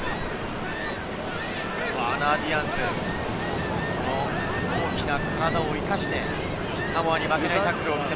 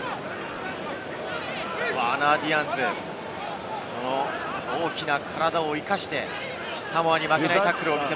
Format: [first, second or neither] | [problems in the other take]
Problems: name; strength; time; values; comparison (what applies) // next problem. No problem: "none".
second | background sound (Ocean); 1 dB below the speech